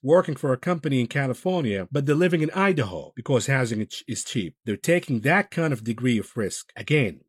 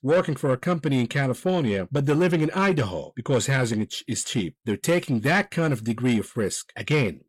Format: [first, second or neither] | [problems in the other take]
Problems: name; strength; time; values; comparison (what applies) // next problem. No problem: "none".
first | distortion; slight; 10 dB below the speech